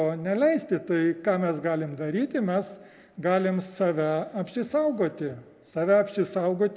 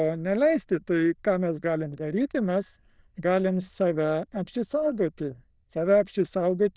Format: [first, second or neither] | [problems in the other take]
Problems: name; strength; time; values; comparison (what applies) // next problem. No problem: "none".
first | noise reduction (neural diffusion model UNIVERSE++)